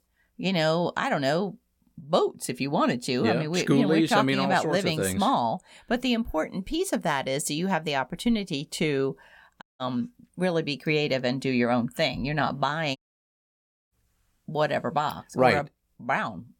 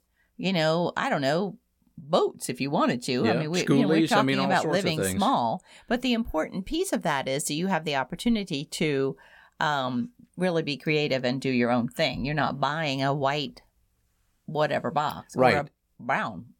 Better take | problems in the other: second | audio cutting out; at 9.5 s and at 13 s for 1 s

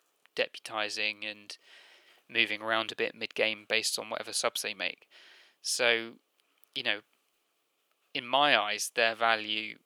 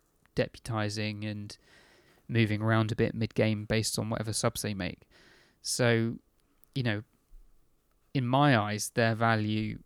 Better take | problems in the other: second | thin; very; fading below 600 Hz

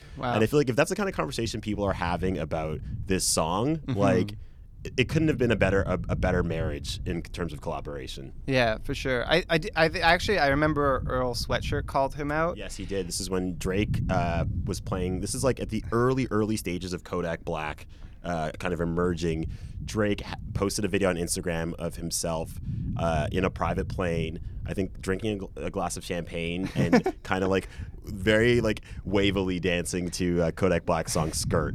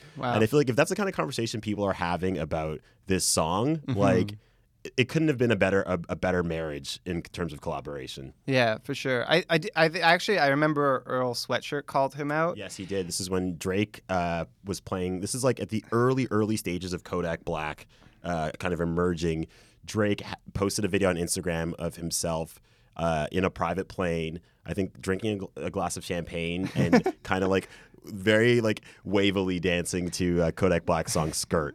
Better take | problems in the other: second | low rumble; faint; throughout; 20 dB below the speech

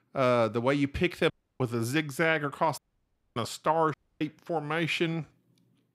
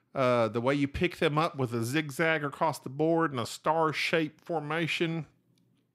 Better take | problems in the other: second | audio cutting out; at 1.5 s, at 3 s for 0.5 s and at 4 s

